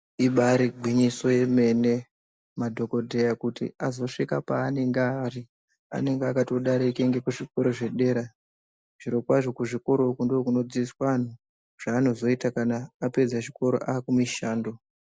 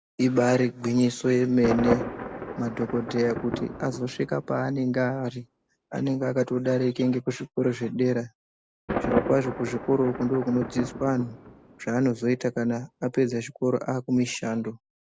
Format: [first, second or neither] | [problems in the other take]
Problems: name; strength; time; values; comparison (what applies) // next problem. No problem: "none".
first | background sound (Thunder); 10 dB below the speech